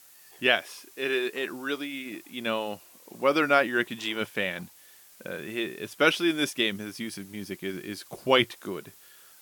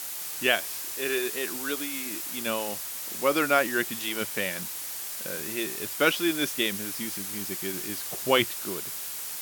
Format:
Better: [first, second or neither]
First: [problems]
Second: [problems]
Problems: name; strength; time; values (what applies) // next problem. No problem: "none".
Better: first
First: hiss; faint; throughout; 25 dB below the speech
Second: hiss; loud; throughout; 3 dB below the speech